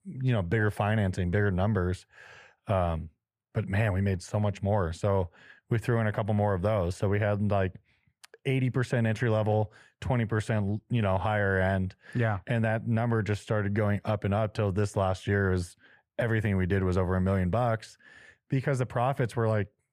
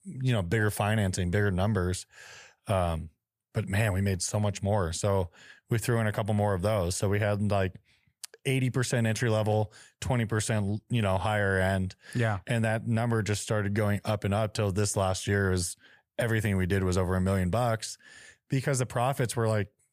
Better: second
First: muffled; slightly; fading above 3.5 kHz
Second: none

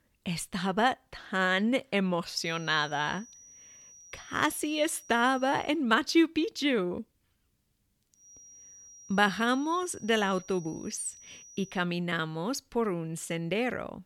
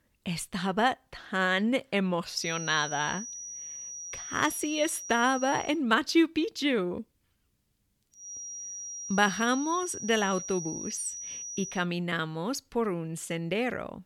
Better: first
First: high-pitched whine; faint; from 2.5 to 5.5 s and from 8 to 12 s; 6 kHz, 20 dB below the speech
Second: high-pitched whine; loud; from 2.5 to 5.5 s and from 8 to 12 s; 6 kHz, 8 dB below the speech

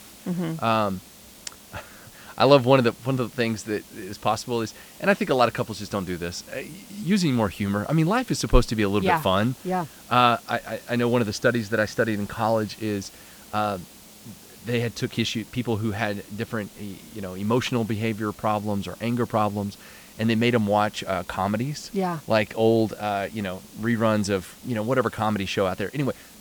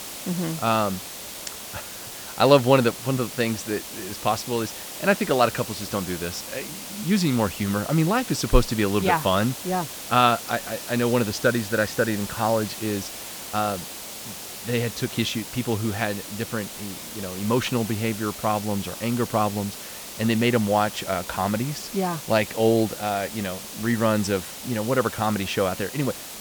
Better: first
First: hiss; faint; throughout; 20 dB below the speech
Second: hiss; loud; throughout; 10 dB below the speech

